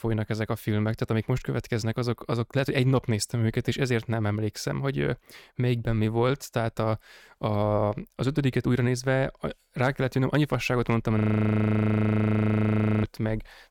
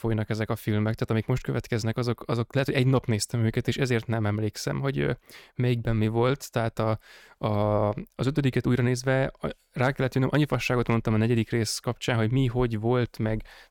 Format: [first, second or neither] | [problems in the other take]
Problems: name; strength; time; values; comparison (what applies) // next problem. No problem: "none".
second | audio freezing; at 11 s for 2 s